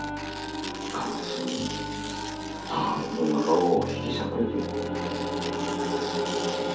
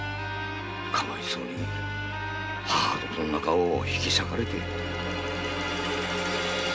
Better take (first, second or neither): second